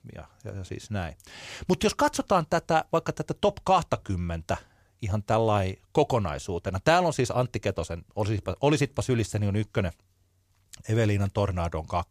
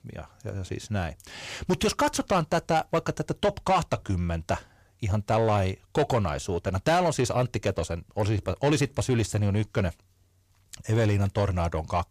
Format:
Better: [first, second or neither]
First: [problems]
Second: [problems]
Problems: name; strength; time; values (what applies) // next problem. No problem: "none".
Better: first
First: none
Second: distortion; slight; 10 dB below the speech